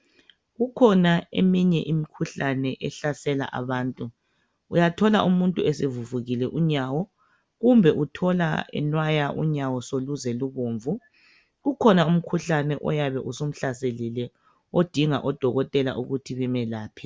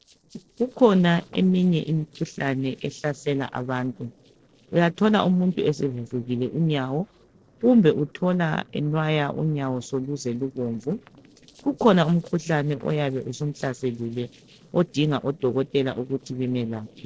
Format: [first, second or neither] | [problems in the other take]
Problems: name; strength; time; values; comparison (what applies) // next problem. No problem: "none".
first | noise reduction (neural separator model SepFormer DNS4)